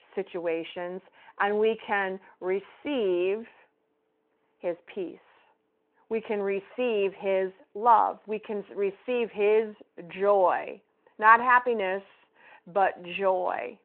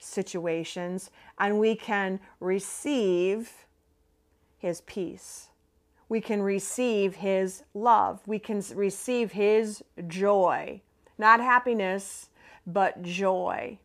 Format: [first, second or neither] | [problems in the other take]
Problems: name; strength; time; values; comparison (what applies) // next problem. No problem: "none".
second | phone-call audio